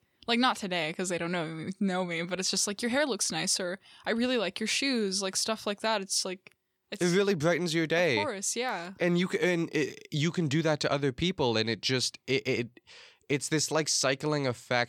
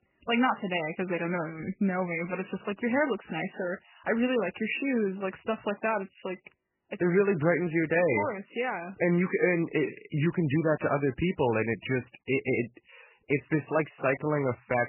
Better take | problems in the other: first | garbled, watery; badly; nothing above 3 kHz

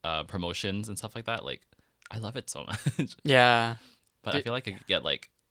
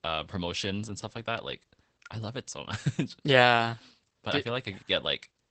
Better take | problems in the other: first | garbled, watery; badly; nothing above 8 kHz; slightly in the first

